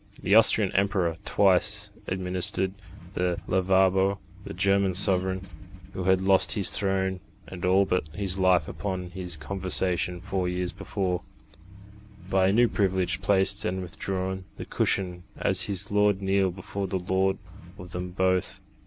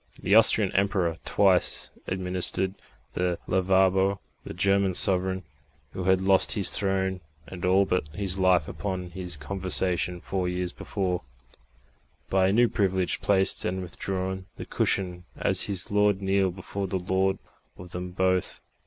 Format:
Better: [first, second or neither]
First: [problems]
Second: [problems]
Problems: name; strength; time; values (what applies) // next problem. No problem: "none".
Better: second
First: background sound (Accelerating, revving, vroom); 19 dB below the speech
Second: none